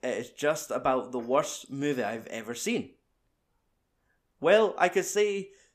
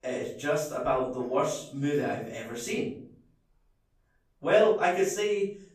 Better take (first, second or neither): first